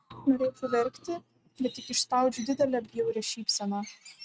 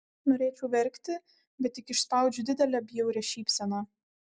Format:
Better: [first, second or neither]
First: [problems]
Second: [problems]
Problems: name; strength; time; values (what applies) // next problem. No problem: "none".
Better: second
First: noise reduction (neural mask model RNNoise)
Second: none